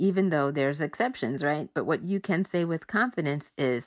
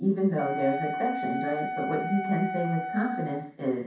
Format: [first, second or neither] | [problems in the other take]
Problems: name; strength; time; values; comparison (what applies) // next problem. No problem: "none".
first | background sound (Wind instrument, woodwind instrument); 5 dB below the speech // room echo; dies away in 0.6 s